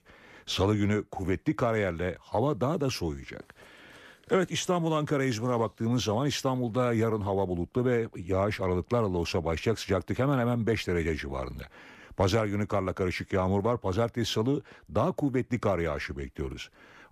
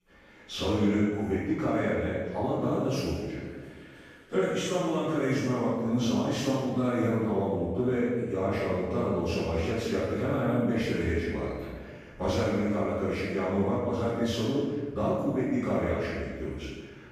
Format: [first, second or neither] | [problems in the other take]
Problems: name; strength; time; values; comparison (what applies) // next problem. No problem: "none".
first | room echo; strong; dies away in 1.2 s // off-mic speech; far